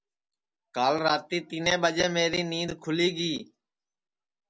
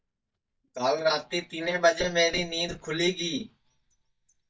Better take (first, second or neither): first